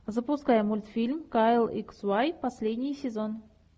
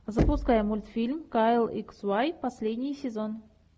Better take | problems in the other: first | background sound (Knock); 4 dB below the speech

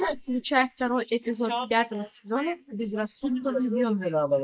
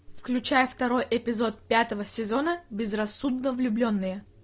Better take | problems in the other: second | noise reduction (neural mask model Resemble Enhance denoiser)

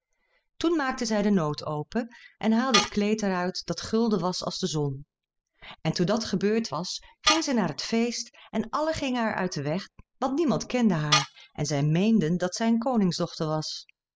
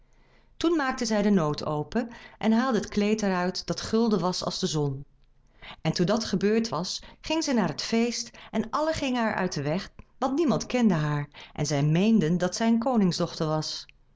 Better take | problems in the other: second | noise reduction (classical method spectral subtraction)

